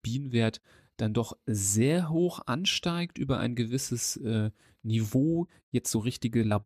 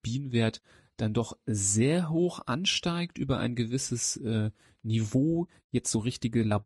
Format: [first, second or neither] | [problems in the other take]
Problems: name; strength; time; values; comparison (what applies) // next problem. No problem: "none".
first | garbled, watery; slightly